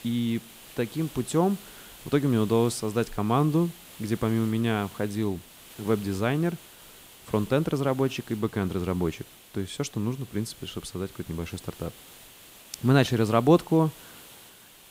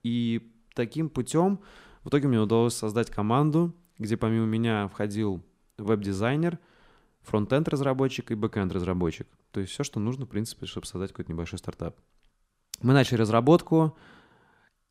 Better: second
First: hiss; noticeable; throughout; 20 dB below the speech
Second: none

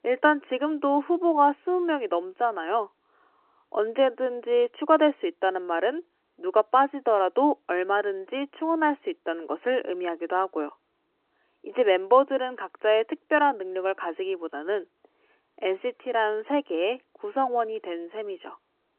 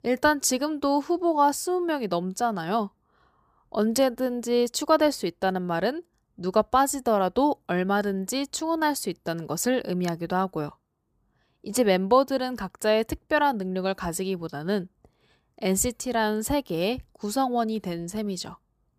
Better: second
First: phone-call audio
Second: none

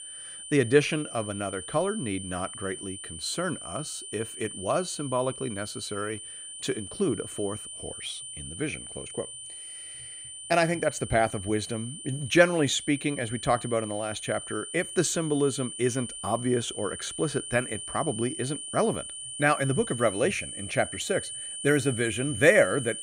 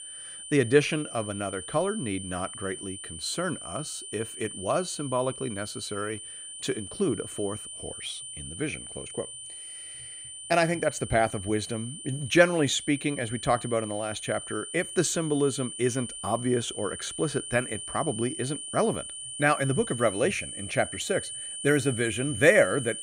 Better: neither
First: high-pitched whine; loud; throughout; 9 kHz, 9 dB below the speech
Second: high-pitched whine; loud; throughout; 9 kHz, 9 dB below the speech

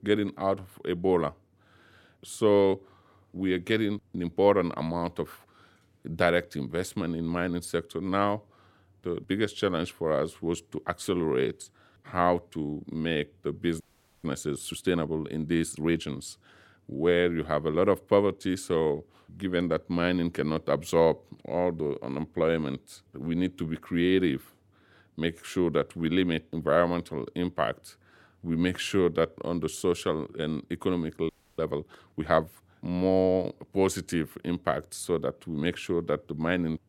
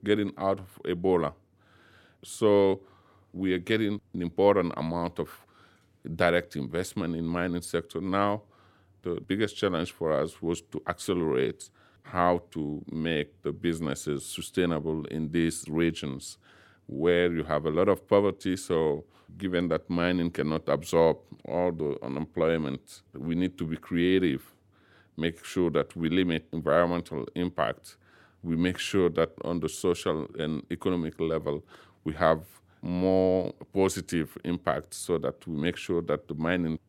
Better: second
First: audio freezing; at 14 s and at 31 s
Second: none

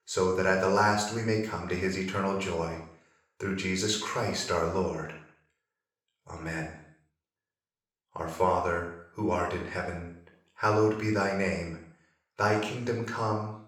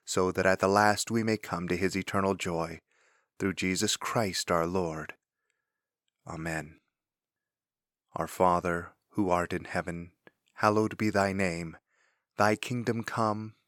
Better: second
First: room echo; noticeable; dies away in 0.6 s // off-mic speech; far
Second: none

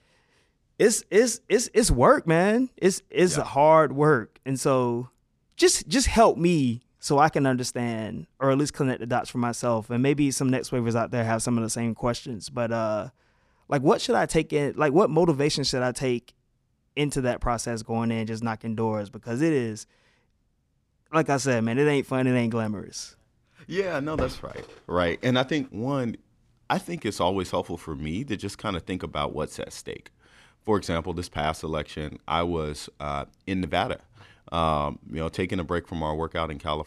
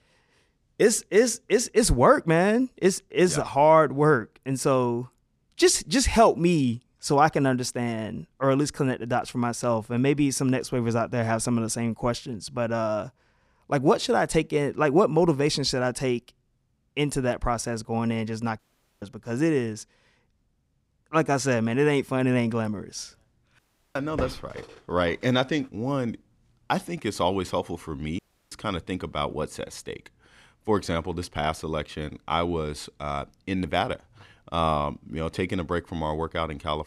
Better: first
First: none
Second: audio cutting out; at 19 s, at 24 s and at 28 s

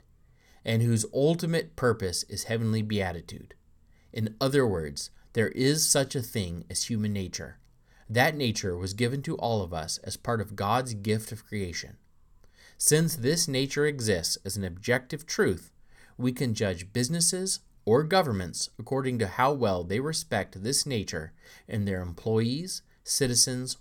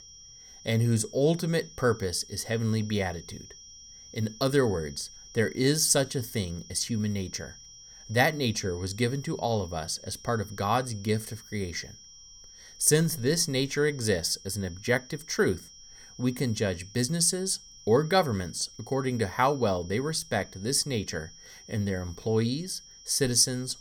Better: first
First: none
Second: high-pitched whine; noticeable; throughout; 5.5 kHz, 20 dB below the speech

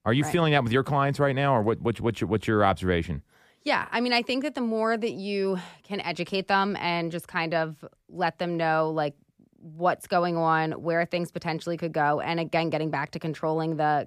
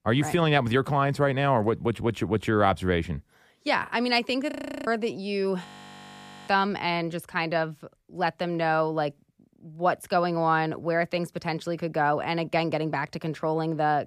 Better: first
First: none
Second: audio freezing; at 4.5 s and at 5.5 s for 1 s

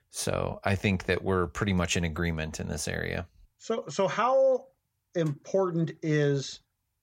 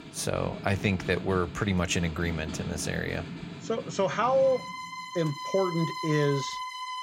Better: first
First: none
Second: background music; loud; throughout; 9 dB below the speech

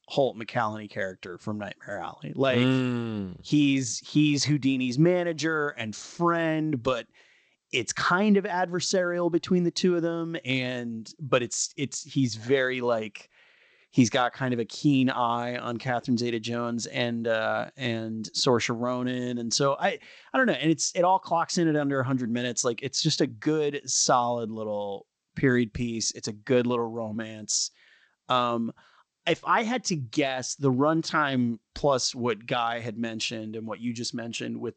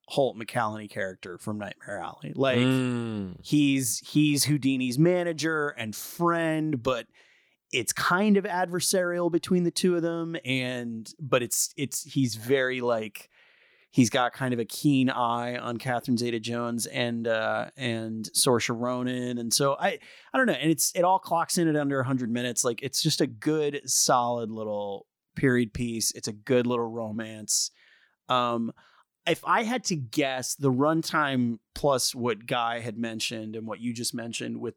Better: second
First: garbled, watery; slightly; nothing above 7.5 kHz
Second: none

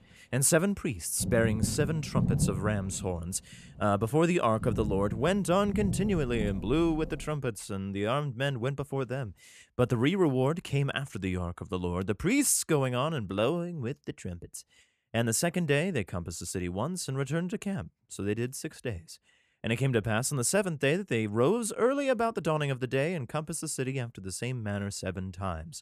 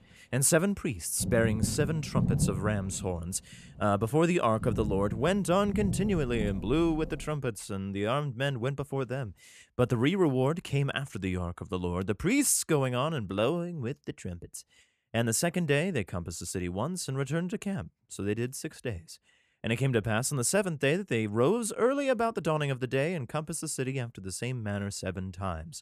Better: neither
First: rain or running water; loud; until 7 s; 5 dB below the speech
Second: rain or running water; loud; until 7 s; 5 dB below the speech

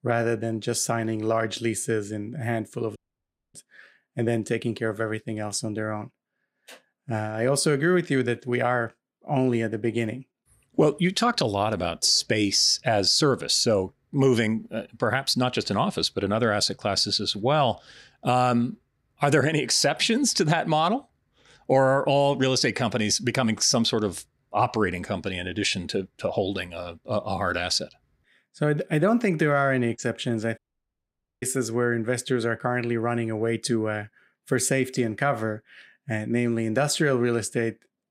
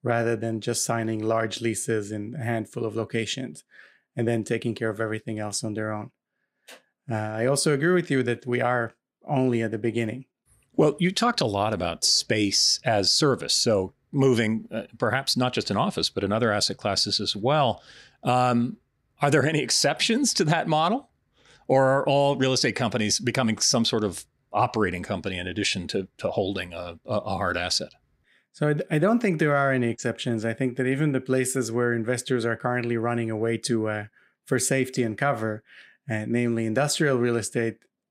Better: second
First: audio cutting out; at 3 s for 0.5 s and at 31 s for 1 s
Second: none

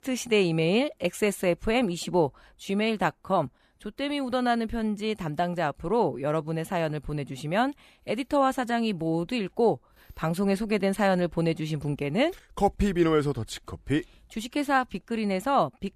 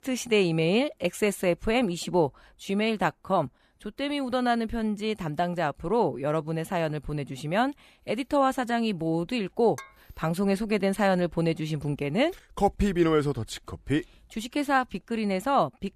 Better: first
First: none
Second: clattering dishes; faint; at 10 s; peak 20 dB below the speech

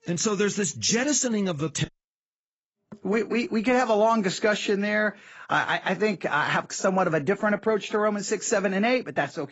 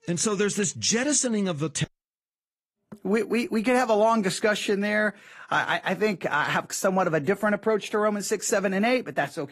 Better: second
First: garbled, watery; badly; nothing above 7.5 kHz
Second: garbled, watery; slightly; nothing above 12.5 kHz

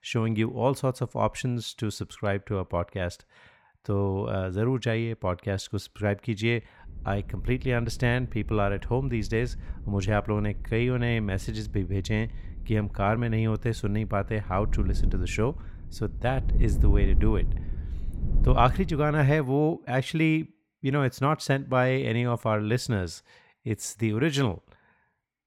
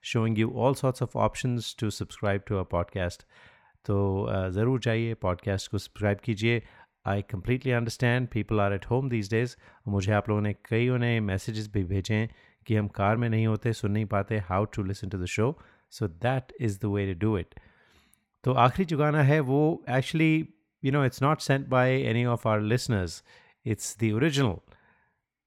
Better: second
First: wind noise on the microphone; occasional gusts; from 7 to 19 s; 20 dB below the speech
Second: none

